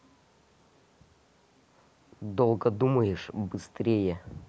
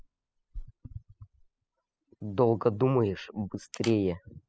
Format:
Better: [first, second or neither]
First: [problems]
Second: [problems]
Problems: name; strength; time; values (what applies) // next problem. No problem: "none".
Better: first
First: none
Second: noise reduction (classical method spectral subtraction)